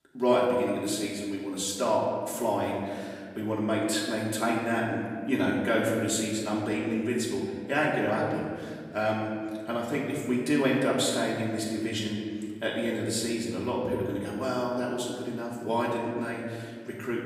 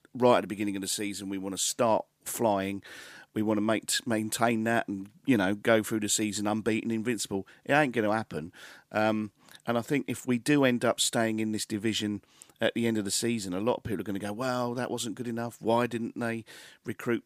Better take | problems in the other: second | off-mic speech; far // room echo; noticeable; dies away in 1.7 s

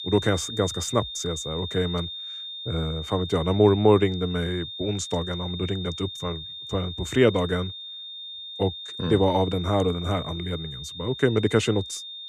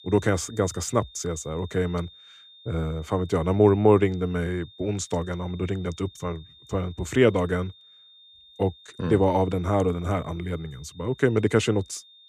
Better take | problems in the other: second | high-pitched whine; loud; throughout; 3.5 kHz, 9 dB below the speech; faint in the second

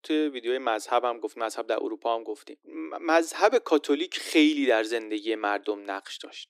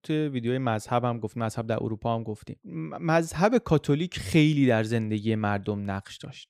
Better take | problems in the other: second | thin; somewhat; fading below 300 Hz

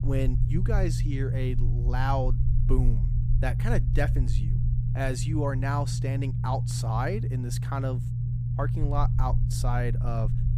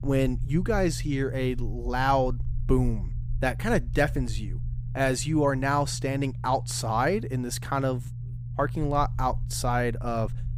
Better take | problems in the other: second | low rumble; loud; throughout; 7 dB below the speech; faint in the second

